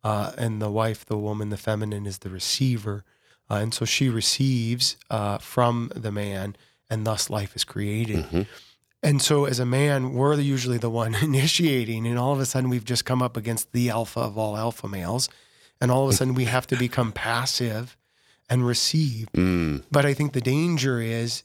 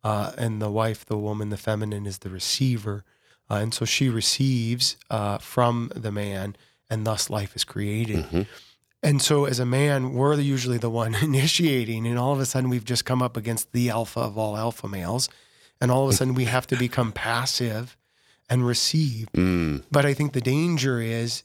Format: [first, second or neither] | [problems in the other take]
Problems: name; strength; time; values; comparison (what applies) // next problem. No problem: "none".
neither | none